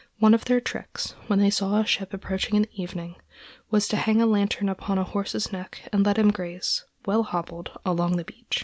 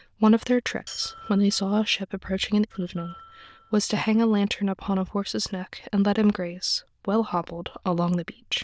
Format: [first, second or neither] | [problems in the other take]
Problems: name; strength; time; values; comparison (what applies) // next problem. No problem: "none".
first | noise reduction (neural diffusion model UNIVERSE++)